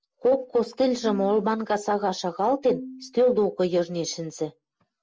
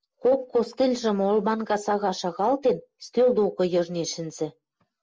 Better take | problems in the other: second | background sound (Bowed string instrument); 14 dB below the speech

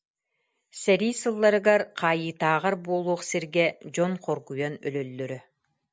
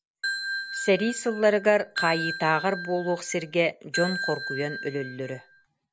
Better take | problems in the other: first | background sound (Ringtone / Bell); 7 dB below the speech

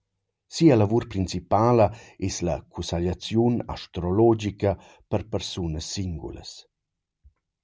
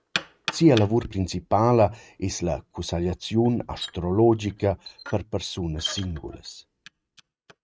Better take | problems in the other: first | noise reduction (neural mask model RNNoise)

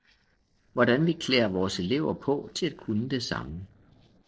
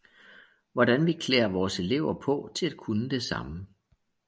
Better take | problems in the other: second | noise reduction (neural separator model SepFormer DNS4)

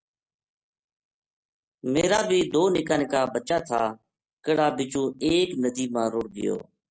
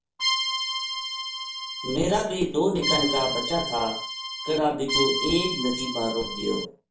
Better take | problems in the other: first | background sound (Accordion); 1 dB below the speech // room echo; dies away in 0.4 s

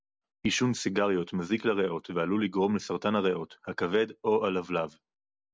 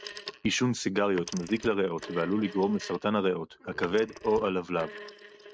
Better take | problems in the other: first | noise reduction (neural mask model RNNoise)

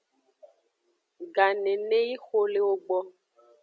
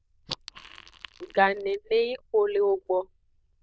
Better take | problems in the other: first | noise reduction (neural diffusion model UNIVERSE++)

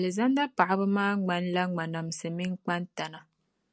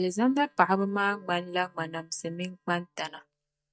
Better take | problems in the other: first | noise reduction (neural mask model DeepFilterNet 3)

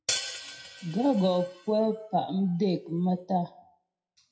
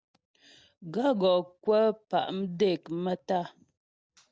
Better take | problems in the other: second | noise reduction (classical method WPE with log-MMSE)

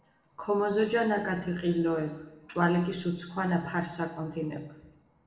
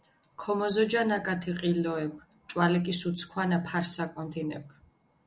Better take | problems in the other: second | room echo; dies away in 0.9 s

